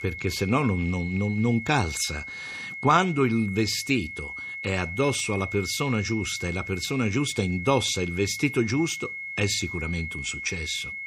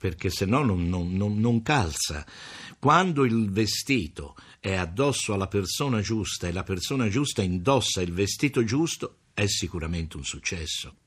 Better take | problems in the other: second | high-pitched whine; loud; throughout; 2 kHz, 8 dB below the speech

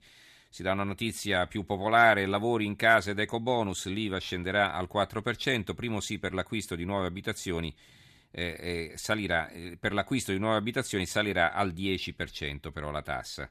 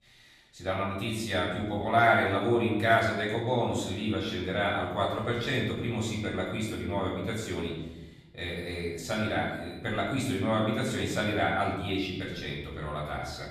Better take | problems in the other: first | off-mic speech; far // room echo; noticeable; dies away in 0.9 s

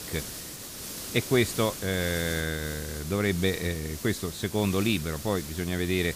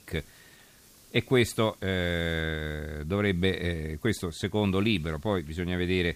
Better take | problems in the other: second | hiss; loud; throughout; 8 dB below the speech; faint in the second

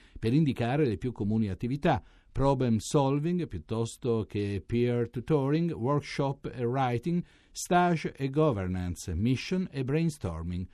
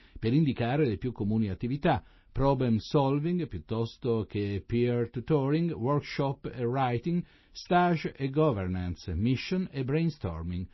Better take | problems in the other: first | garbled, watery; slightly; nothing above 5.5 kHz

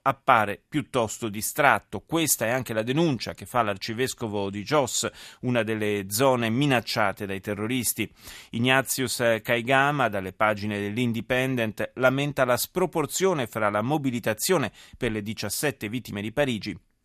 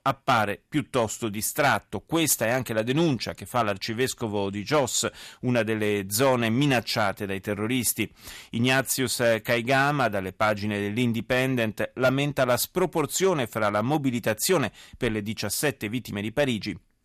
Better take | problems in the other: first | distortion; slight; 2% of the sound clipped

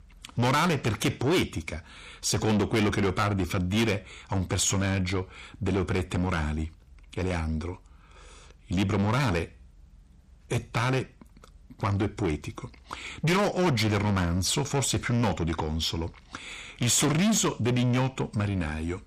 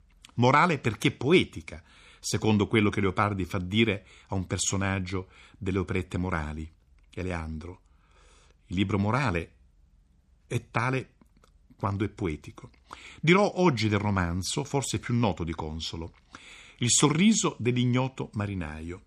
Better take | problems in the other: second | distortion; heavy; 5 dB below the speech

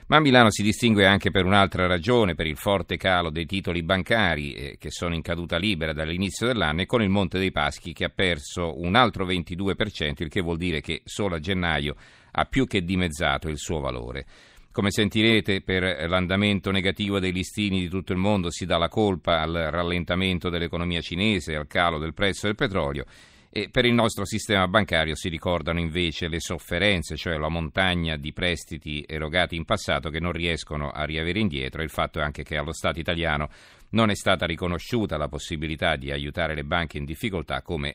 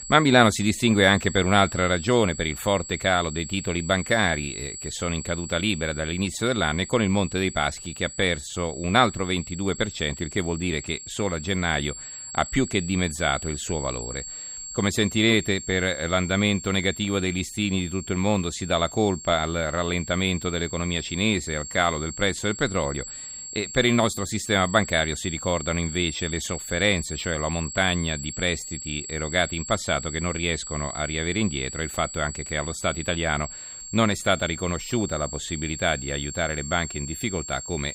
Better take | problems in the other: first | high-pitched whine; noticeable; throughout; 7.5 kHz, 10 dB below the speech

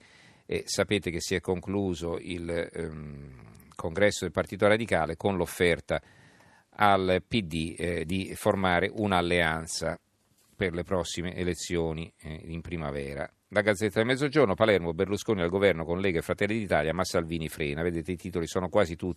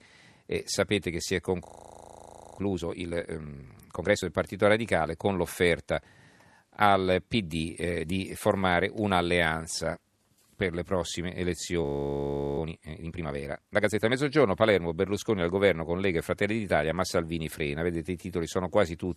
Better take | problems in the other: first | audio freezing; at 1.5 s for 1 s and at 12 s for 0.5 s

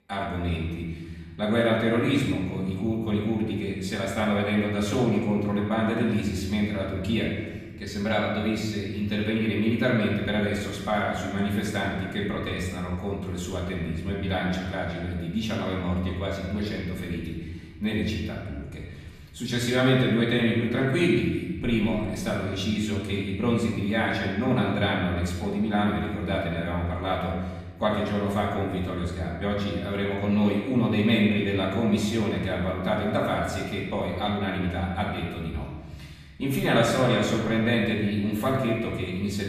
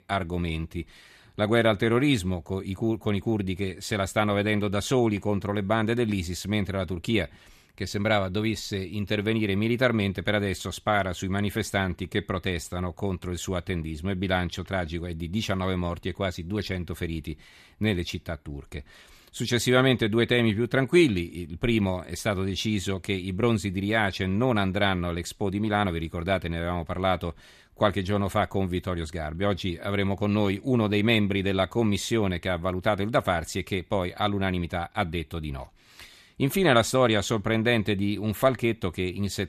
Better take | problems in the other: second | off-mic speech; far // room echo; noticeable; dies away in 1.4 s

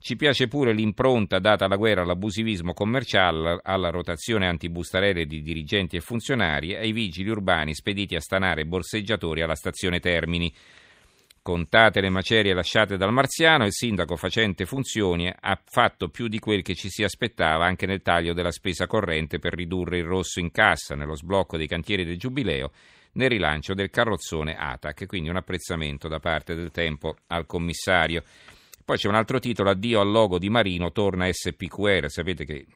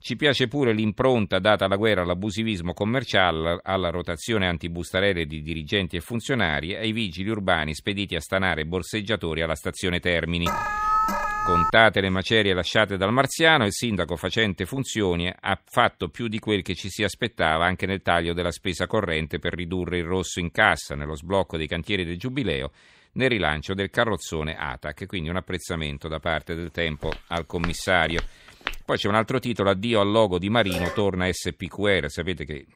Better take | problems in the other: first | alarm; loud; from 10 to 12 s; peak 2 dB above the speech // footsteps; noticeable; from 27 to 29 s; peak 9 dB below the speech // phone ringing; noticeable; at 31 s; peak 7 dB below the speech

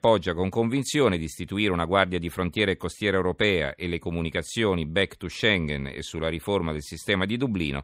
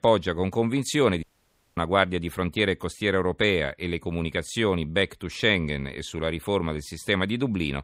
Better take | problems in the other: first | audio cutting out; at 1 s for 0.5 s

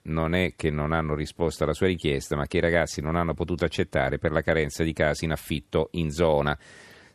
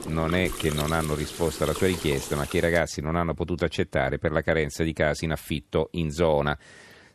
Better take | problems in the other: first | rain or running water; loud; until 2.5 s; 9 dB below the speech

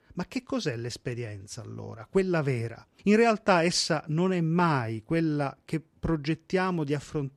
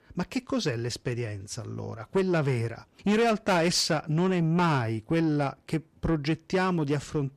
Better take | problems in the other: first | distortion; slight; 10 dB below the speech

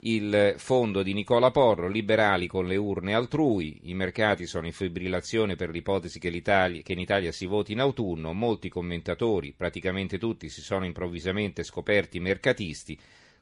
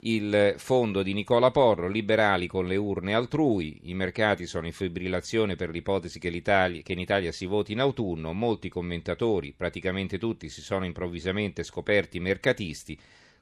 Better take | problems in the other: second | garbled, watery; slightly; nothing above 10.5 kHz

